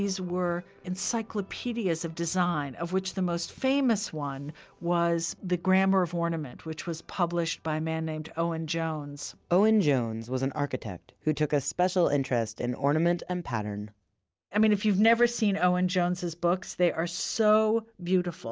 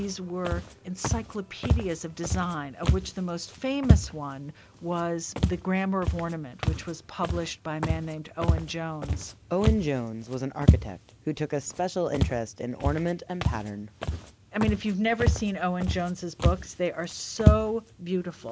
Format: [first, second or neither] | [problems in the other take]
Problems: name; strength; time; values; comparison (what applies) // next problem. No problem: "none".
first | background sound (Walk, footsteps); 1 dB above the speech